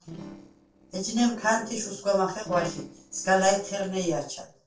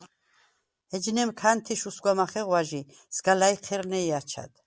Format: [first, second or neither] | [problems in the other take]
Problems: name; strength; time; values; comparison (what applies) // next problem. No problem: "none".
second | noise reduction (neural separator model SepFormer DNS4)